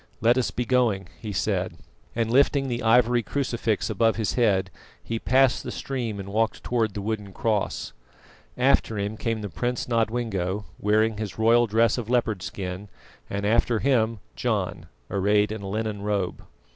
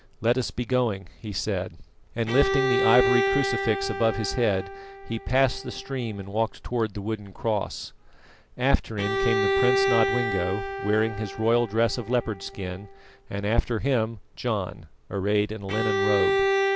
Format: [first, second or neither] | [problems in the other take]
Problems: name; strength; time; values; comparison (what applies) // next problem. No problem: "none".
first | background sound (Bowed string instrument); 3 dB below the speech